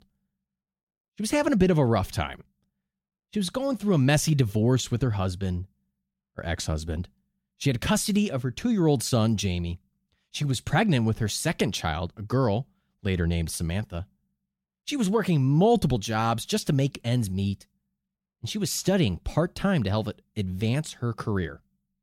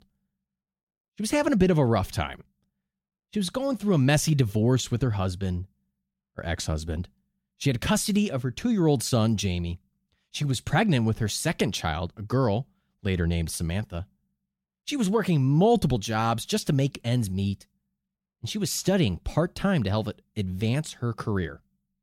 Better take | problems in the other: neither | none

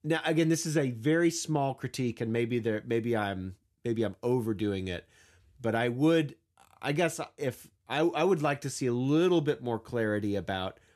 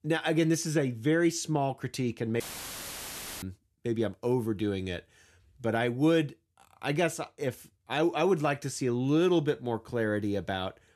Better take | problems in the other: first | audio cutting out; filled with static; at 2.5 s for 1 s

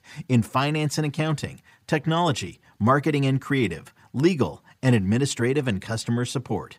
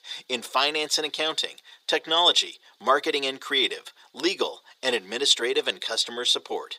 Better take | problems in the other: first | thin; very; fading below 400 Hz

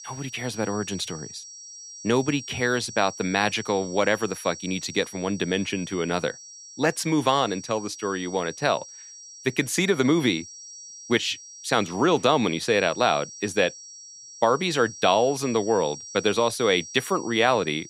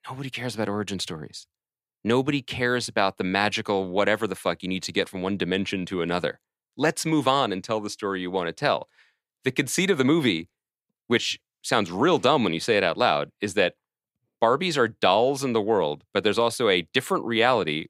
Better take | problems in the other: second | high-pitched whine; noticeable; throughout; 5.5 kHz, 15 dB below the speech

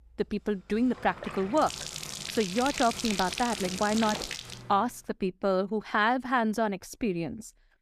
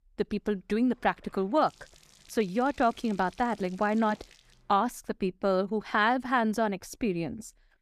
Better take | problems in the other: second | household noises; loud; until 4.5 s; 6 dB below the speech; faint in the second

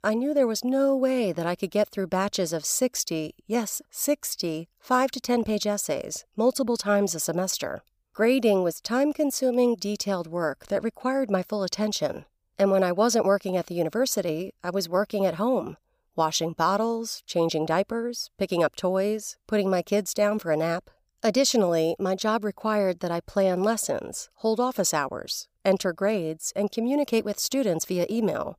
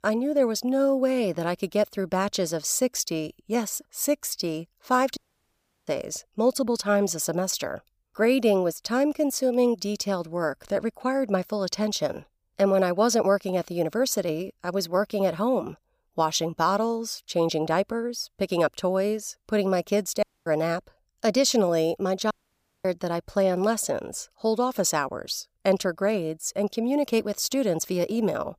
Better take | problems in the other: first | audio cutting out; at 5 s for 0.5 s, at 20 s and at 22 s for 0.5 s

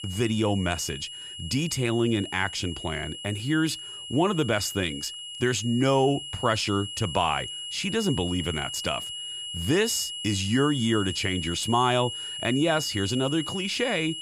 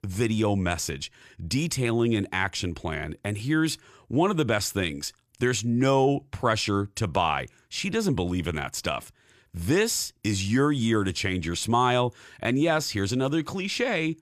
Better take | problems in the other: second | high-pitched whine; loud; throughout; 3 kHz, 7 dB below the speech

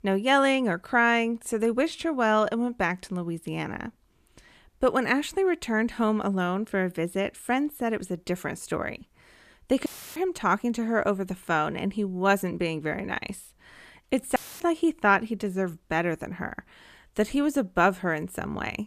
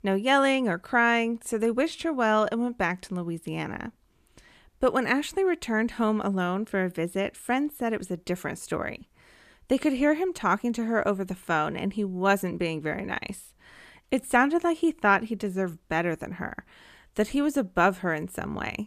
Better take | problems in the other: second | audio cutting out; filled with static; at 10 s and at 14 s

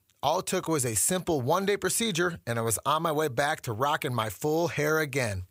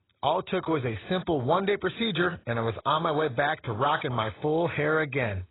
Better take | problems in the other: first | garbled, watery; badly; nothing above 4 kHz

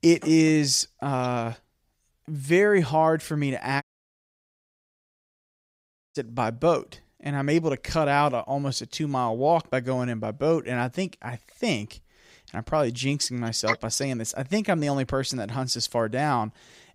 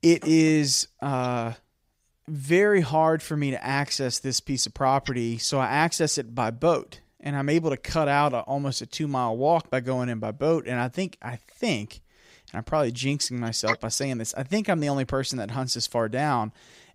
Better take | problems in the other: second | audio cutting out; at 4 s for 2.5 s

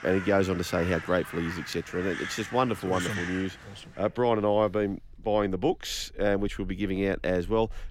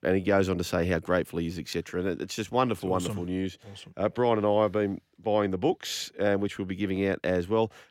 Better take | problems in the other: second | animal sounds; noticeable; throughout; 10 dB below the speech

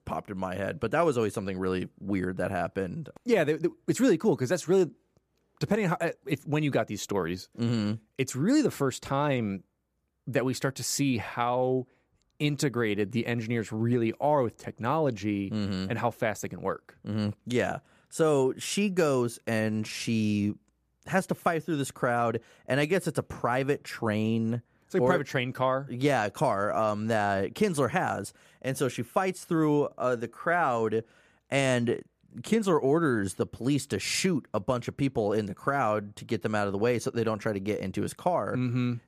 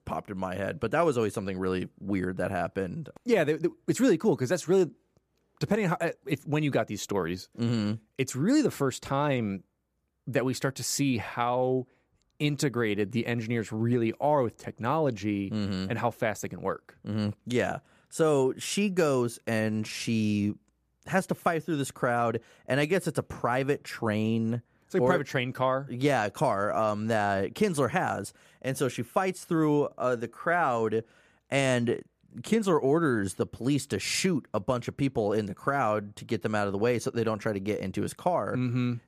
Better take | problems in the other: neither | none

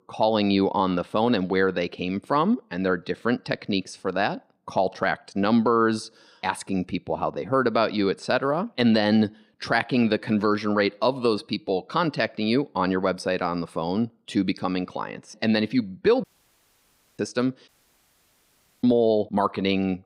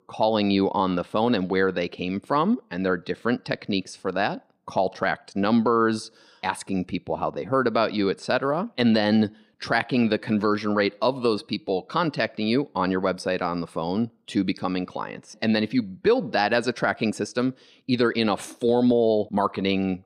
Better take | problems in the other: second | audio cutting out; at 16 s for 1 s and at 18 s for 1 s

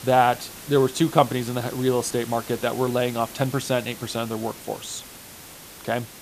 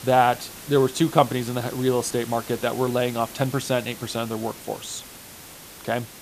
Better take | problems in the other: neither | hiss; noticeable; throughout; 15 dB below the speech; the same in both

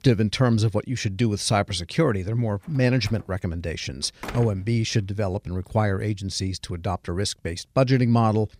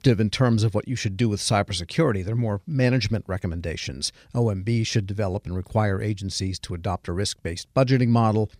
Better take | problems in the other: second | door banging; faint; from 2.5 to 4.5 s; peak 10 dB below the speech

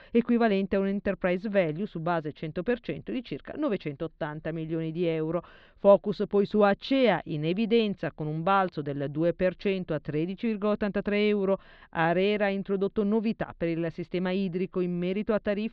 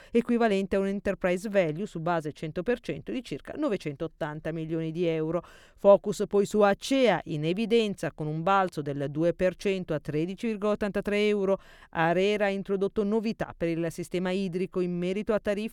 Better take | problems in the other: second | muffled; very slightly; fading above 4 kHz

